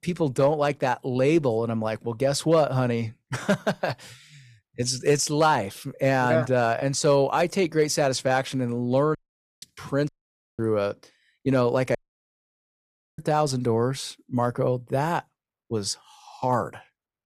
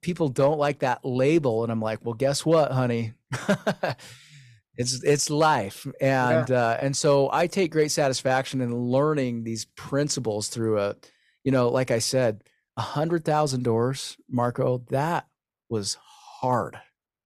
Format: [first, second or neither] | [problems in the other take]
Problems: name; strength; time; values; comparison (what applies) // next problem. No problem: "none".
second | audio cutting out; at 9 s, at 10 s for 0.5 s and at 12 s for 1 s